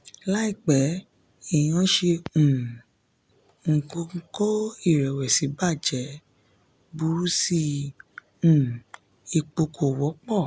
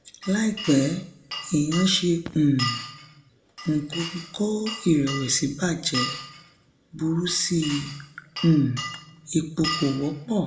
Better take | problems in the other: first | background sound (Glass); 11 dB below the speech // room echo; dies away in 0.6 s

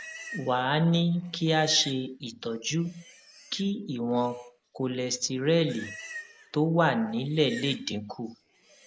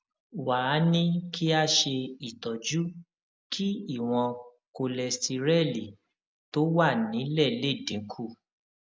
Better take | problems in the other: second | background sound (Livestock, farm animals, working animals); 19 dB below the speech

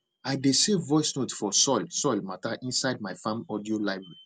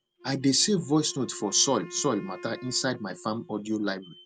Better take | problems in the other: first | background sound (Wind instrument, woodwind instrument); 19 dB below the speech

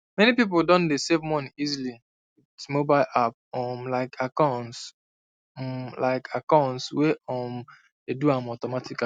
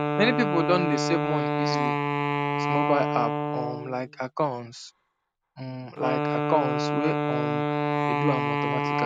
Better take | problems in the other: first | background sound (Wind instrument, woodwind instrument); 2 dB above the speech

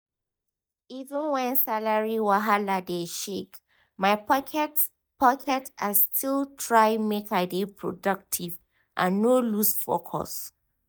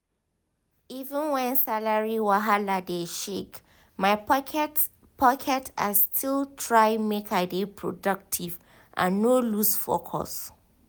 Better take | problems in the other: second | noise reduction (neural mask model DeepFilterNet 3)

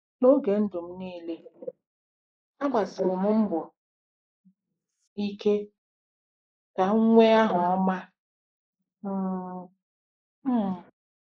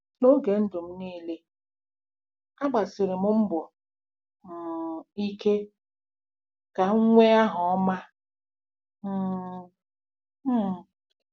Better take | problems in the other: second | noise reduction (neural mask model Resemble Enhance denoiser)

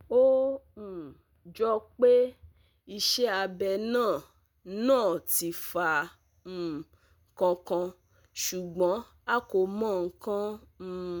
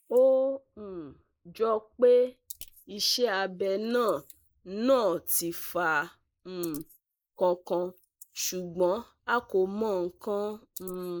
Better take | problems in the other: first | noise reduction (neural mask model Resemble Enhance denoiser)

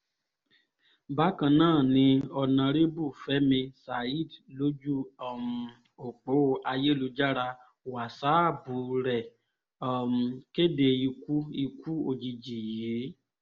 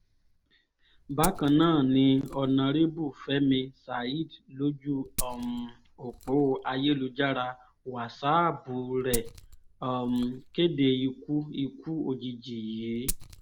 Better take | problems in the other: first | background sound (Glass); 14 dB below the speech

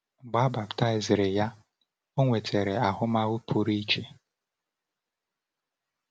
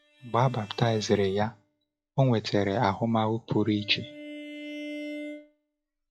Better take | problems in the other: first | noise reduction (classical method log-MMSE)

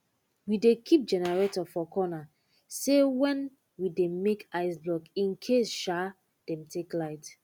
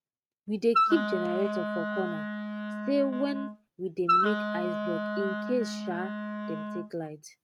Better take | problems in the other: first | noise reduction (neural mask model RNNoise)

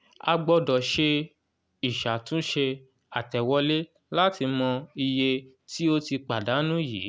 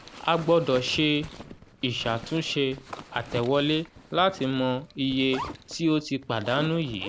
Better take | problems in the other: first | background sound (Zipper (clothing)); 15 dB below the speech

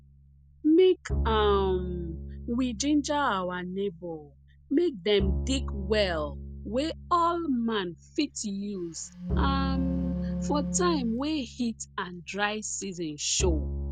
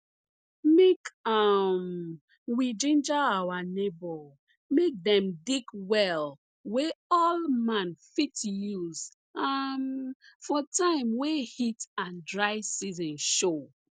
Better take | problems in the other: second | background sound (Bowed string instrument + Wind instrument, woodwind instrument); 6 dB below the speech

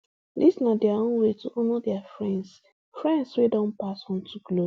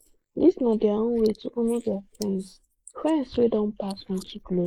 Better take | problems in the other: first | noise reduction (neural mask model Resemble Enhance denoiser)

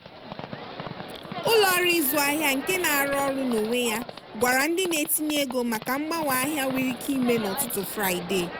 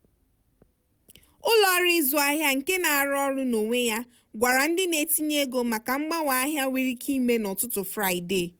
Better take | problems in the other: second | background sound (Livestock, farm animals, working animals); 11 dB below the speech

